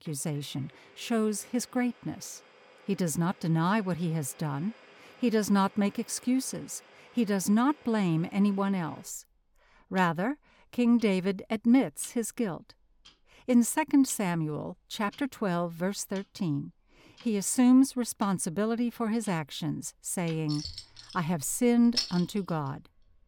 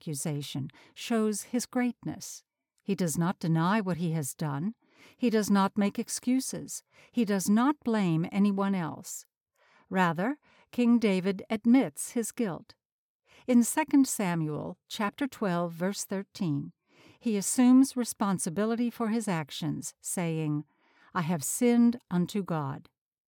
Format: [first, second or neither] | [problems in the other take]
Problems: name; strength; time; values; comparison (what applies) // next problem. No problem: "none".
second | household noises; noticeable; throughout; 15 dB below the speech